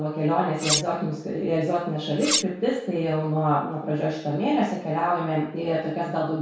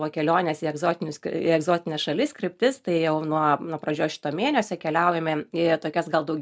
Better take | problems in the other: second | background sound (Cutlery, silverware); 2 dB below the speech // room echo; dies away in 0.6 s

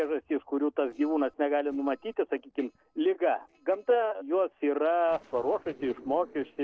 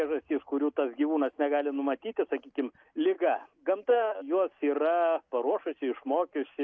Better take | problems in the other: second | noise reduction (neural separator model SepFormer DNS4)

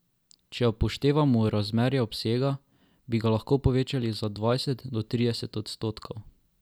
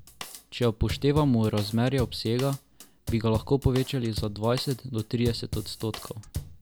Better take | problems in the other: first | background sound (Drum kit); 12 dB below the speech

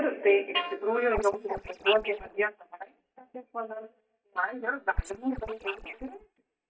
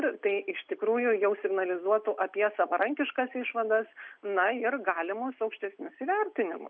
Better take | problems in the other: second | noise reduction (neural mask model DeepFilterNet 3)

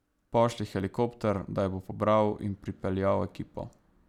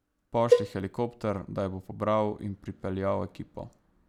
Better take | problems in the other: first | background sound (Cowbell); 3 dB above the speech

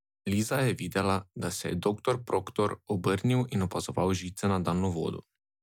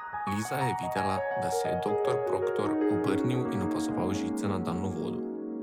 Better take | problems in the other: first | background sound (Piano); 4 dB above the speech

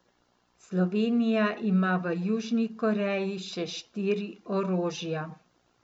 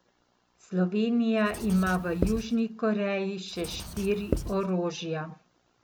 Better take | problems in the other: first | background sound (Writing); 7 dB below the speech

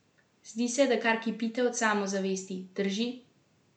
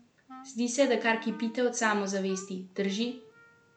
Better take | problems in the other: first | background sound (Wind instrument, woodwind instrument); 19 dB below the speech

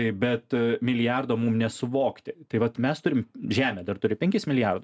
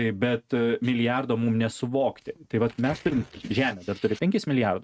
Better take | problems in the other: first | noise reduction (neural mask model RNNoise)

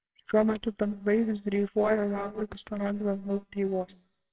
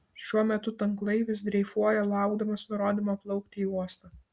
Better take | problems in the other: second | noise reduction (neural separator model SepFormer WHAMR!)

